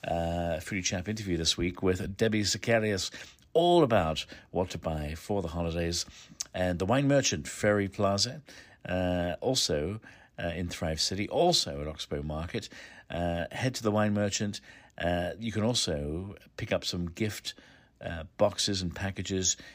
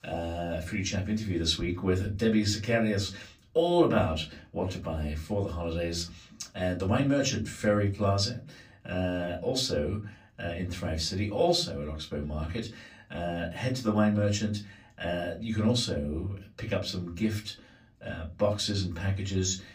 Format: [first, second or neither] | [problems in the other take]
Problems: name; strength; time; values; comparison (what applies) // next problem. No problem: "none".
first | off-mic speech; far // room echo; very slight; dies away in 0.3 s